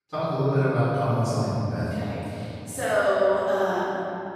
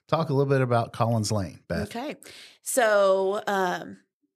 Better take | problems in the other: second | room echo; strong; dies away in 2.9 s // off-mic speech; far

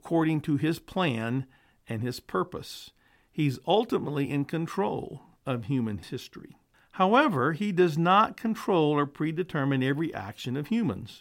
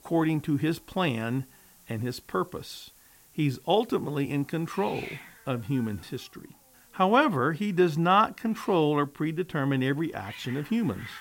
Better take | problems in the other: first | hiss; faint; throughout; 20 dB below the speech

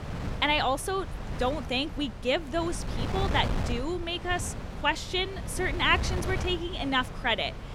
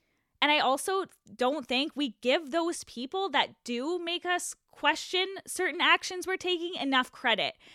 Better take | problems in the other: second | wind noise on the microphone; occasional gusts; 10 dB below the speech

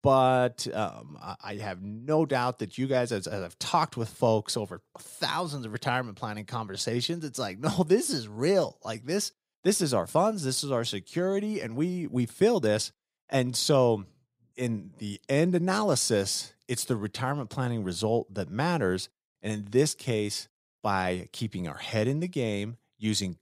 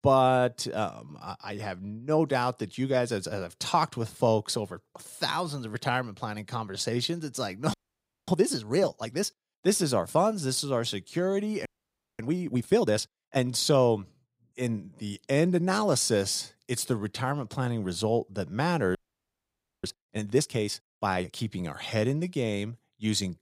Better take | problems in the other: first | audio freezing; at 7.5 s for 0.5 s, at 12 s for 0.5 s and at 19 s for 1 s

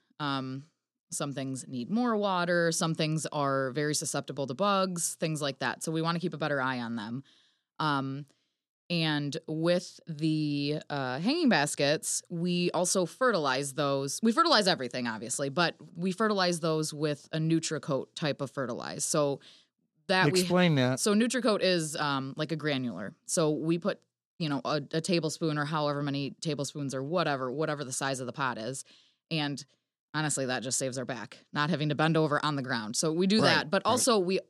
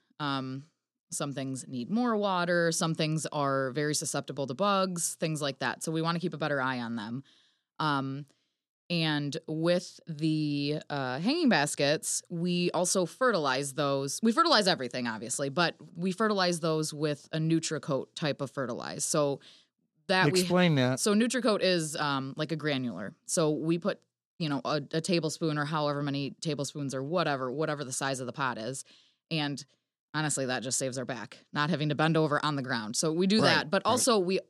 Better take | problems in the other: neither | none

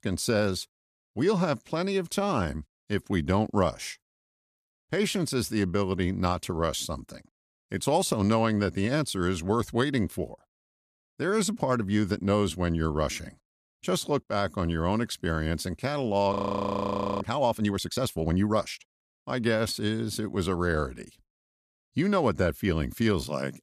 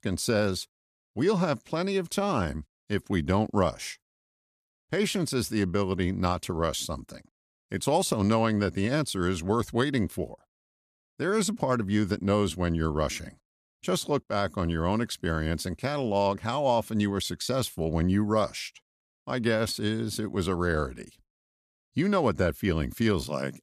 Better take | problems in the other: second | audio freezing; at 16 s for 1 s

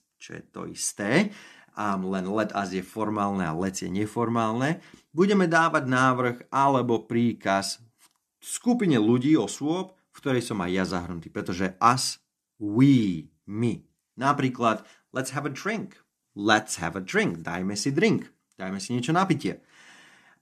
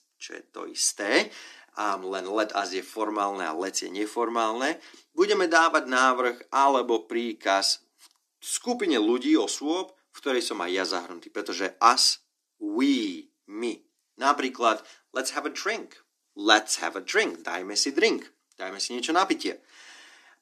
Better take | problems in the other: first | thin; somewhat; fading below 300 Hz

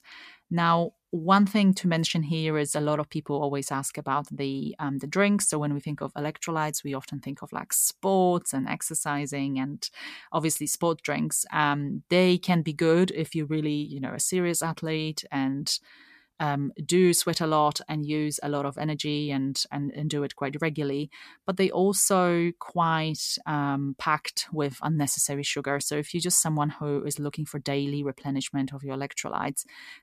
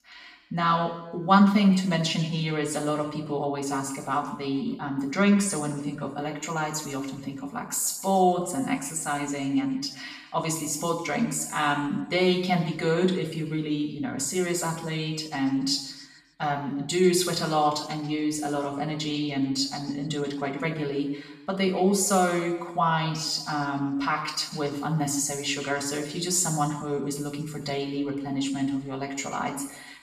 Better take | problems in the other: first | room echo; noticeable; dies away in 1 s // off-mic speech; far

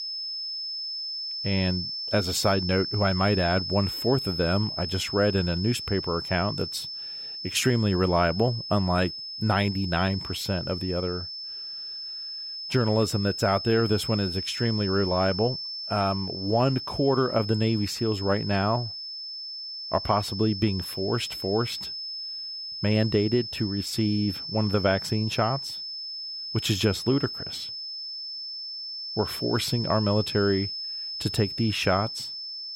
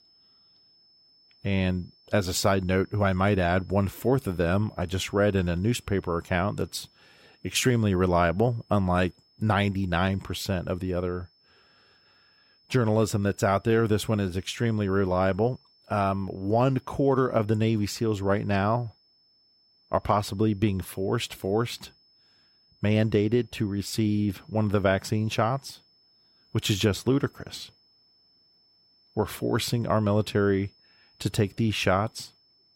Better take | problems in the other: second | high-pitched whine; loud; throughout; 5.5 kHz, 6 dB below the speech; faint in the second

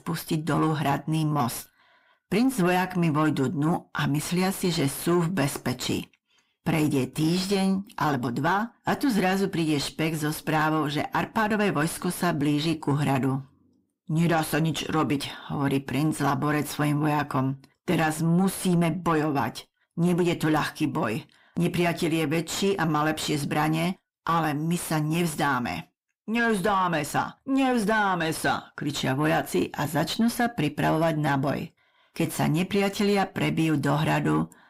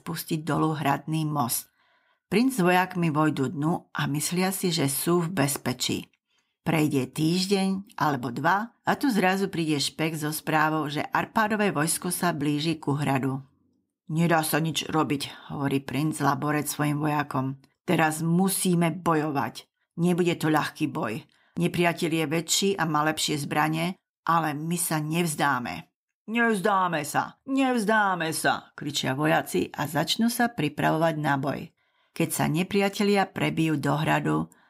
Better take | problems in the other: second | distortion; slight; 10 dB below the speech

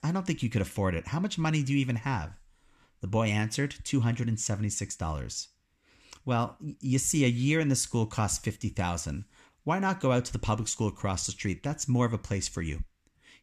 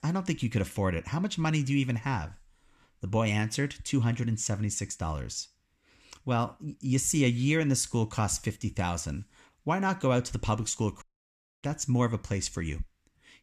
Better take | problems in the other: first | audio cutting out; at 11 s for 0.5 s

